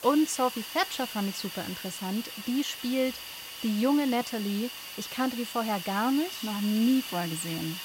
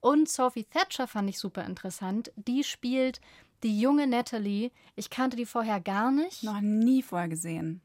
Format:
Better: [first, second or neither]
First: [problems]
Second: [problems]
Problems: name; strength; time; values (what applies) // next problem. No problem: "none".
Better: second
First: hiss; loud; throughout; 8 dB below the speech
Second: none